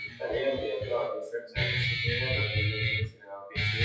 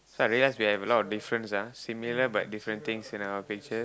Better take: second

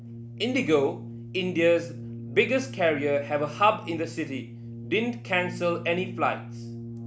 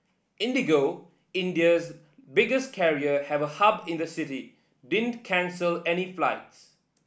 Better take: second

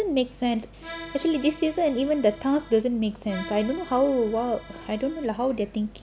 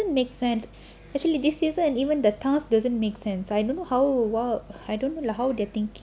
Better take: second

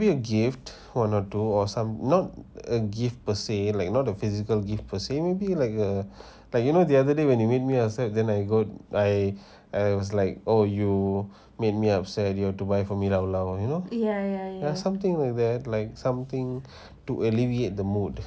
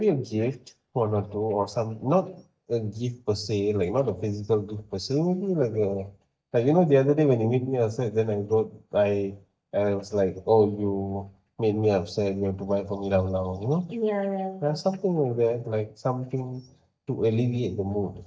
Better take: first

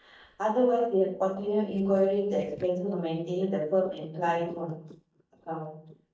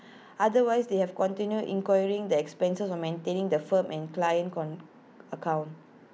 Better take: second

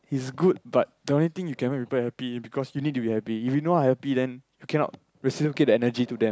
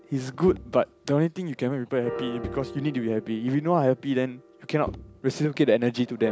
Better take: first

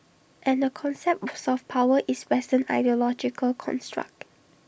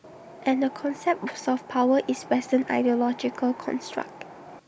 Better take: first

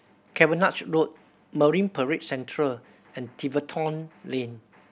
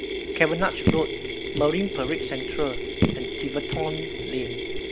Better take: first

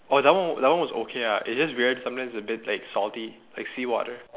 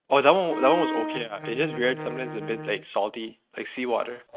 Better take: first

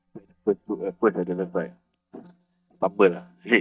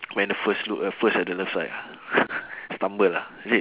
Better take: second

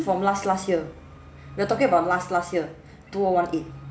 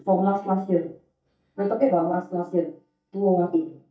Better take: first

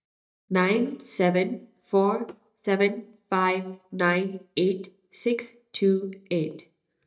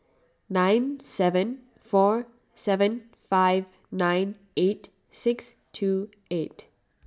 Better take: second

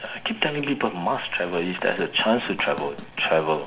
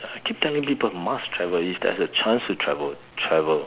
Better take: second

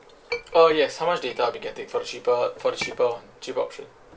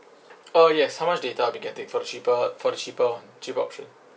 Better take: second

